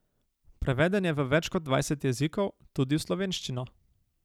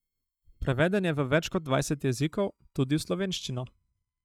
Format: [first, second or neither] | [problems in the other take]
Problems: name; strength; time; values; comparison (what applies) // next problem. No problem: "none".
first | noise reduction (neural mask model DeepFilterNet 3)